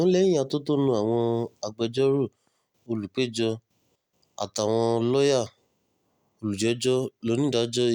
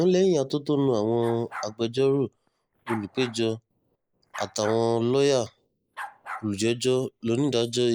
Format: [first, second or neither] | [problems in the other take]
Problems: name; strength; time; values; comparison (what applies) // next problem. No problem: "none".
first | noise reduction (neural mask model Resemble Enhance denoiser)